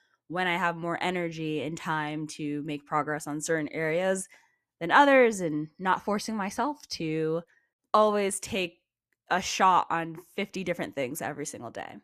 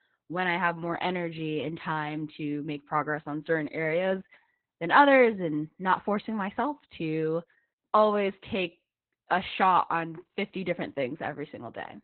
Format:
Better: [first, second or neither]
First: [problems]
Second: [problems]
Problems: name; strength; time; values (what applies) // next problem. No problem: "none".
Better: first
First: none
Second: garbled, watery; badly; nothing above 4 kHz